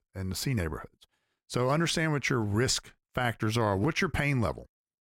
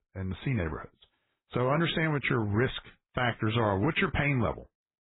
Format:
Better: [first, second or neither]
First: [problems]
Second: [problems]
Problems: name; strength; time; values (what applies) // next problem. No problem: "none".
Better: first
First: none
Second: garbled, watery; badly; nothing above 4 kHz